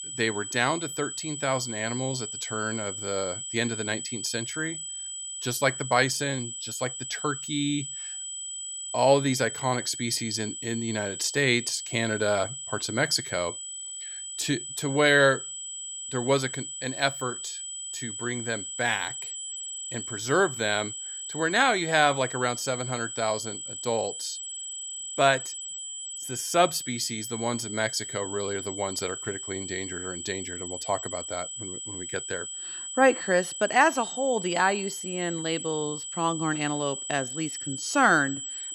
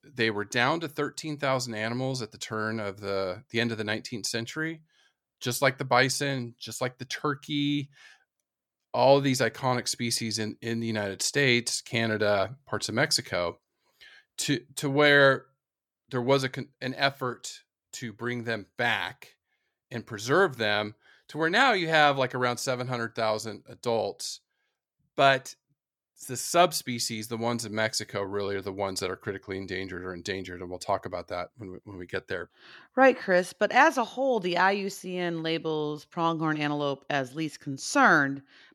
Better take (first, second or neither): second